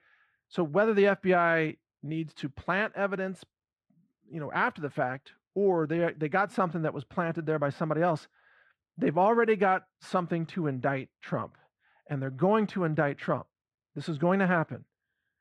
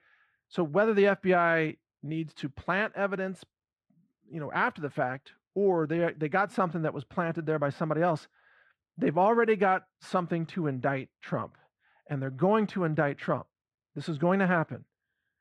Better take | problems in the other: neither | muffled; slightly; fading above 2.5 kHz; the same in both

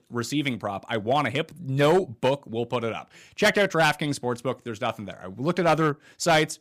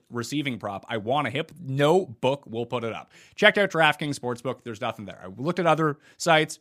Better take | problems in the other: second | distortion; slight; 3% of the sound clipped

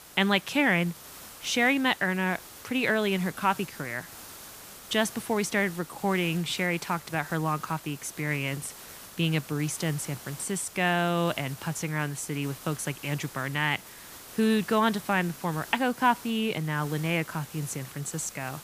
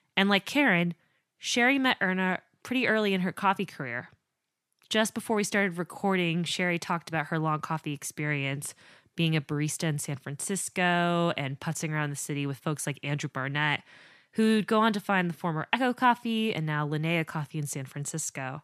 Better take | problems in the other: second | hiss; noticeable; throughout; 15 dB below the speech

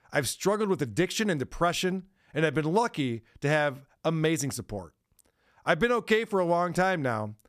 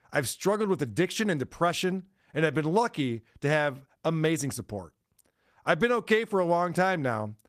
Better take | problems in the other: first | garbled, watery; slightly; nothing above 14.5 kHz

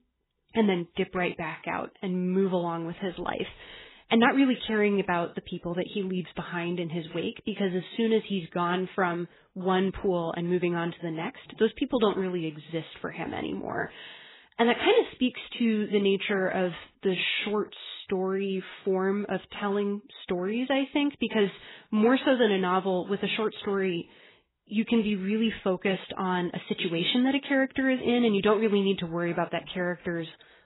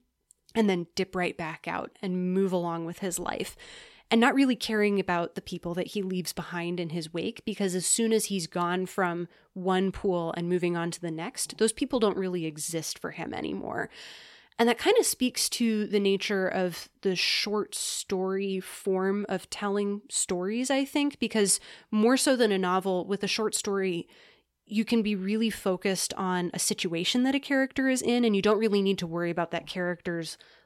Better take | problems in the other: second | garbled, watery; badly; nothing above 4 kHz

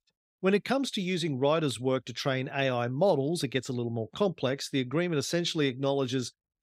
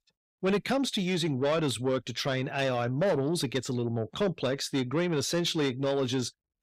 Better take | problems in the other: first | distortion; slight; 10 dB below the speech

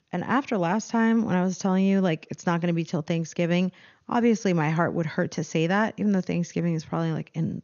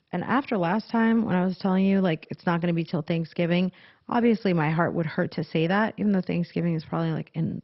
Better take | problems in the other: first | garbled, watery; badly; nothing above 5.5 kHz; slightly in the first

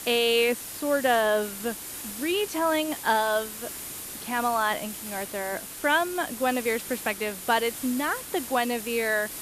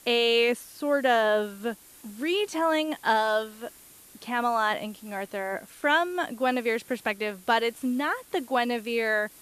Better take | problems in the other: second | hiss; loud; throughout; 9 dB below the speech; faint in the second

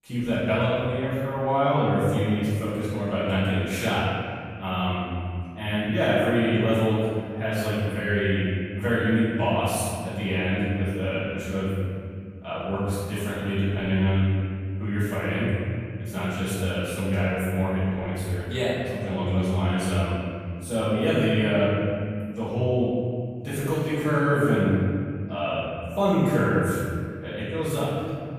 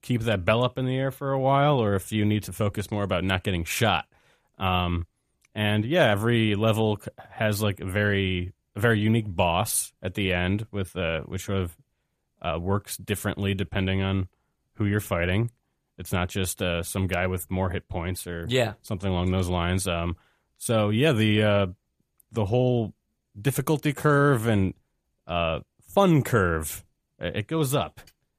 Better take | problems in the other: second | off-mic speech; far // room echo; strong; dies away in 2.2 s

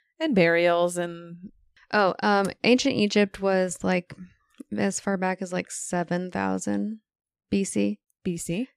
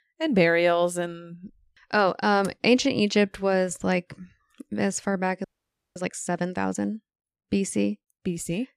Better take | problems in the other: first | audio freezing; at 5.5 s for 0.5 s

